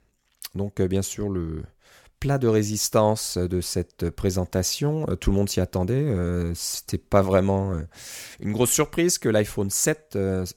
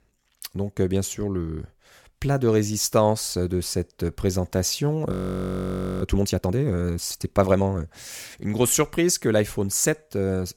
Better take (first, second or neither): first